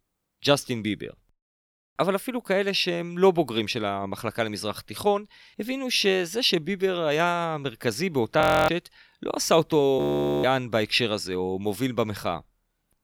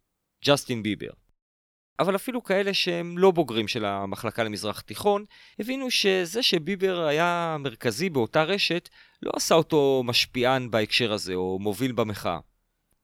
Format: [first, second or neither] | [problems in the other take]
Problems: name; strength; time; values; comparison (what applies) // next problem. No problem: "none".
second | audio freezing; at 8.5 s and at 10 s